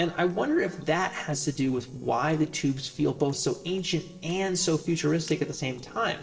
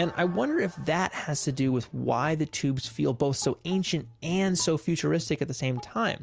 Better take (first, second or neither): second